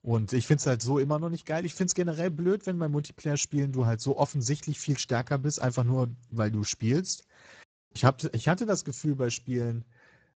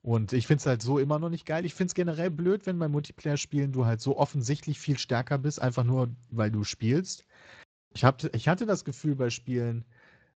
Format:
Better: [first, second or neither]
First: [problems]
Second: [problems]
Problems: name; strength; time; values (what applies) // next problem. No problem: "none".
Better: second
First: garbled, watery; badly; nothing above 7.5 kHz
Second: garbled, watery; slightly; nothing above 7.5 kHz